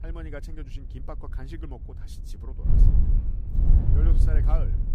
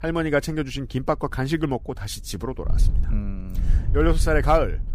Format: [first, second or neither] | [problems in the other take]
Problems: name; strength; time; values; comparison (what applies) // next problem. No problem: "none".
second | wind noise on the microphone; heavy; 2 dB above the speech; occasional gusts in the second